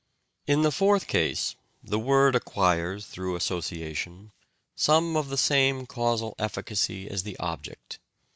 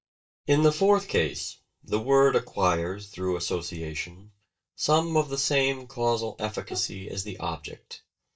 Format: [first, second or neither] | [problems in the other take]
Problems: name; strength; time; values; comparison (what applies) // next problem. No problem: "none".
first | noise reduction (neural mask model DeepFilterNet 3)